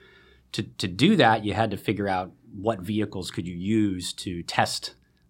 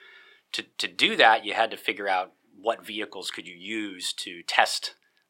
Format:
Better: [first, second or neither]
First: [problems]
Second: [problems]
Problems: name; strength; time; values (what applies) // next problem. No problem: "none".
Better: first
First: none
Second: thin; very; fading below 600 Hz